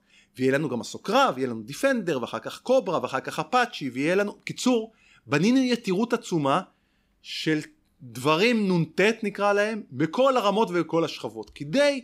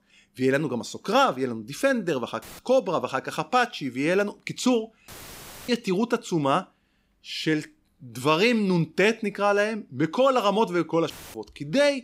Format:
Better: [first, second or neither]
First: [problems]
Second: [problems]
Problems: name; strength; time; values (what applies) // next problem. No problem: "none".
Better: first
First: none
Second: audio cutting out; filled with static; at 2.5 s, at 5 s for 0.5 s and at 11 s